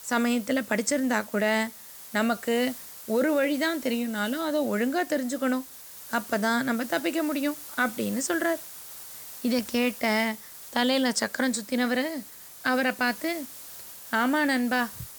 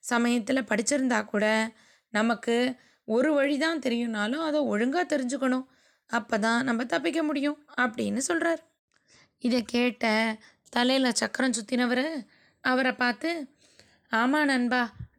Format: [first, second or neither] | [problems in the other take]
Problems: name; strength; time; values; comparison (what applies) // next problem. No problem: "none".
second | hiss; noticeable; throughout; 15 dB below the speech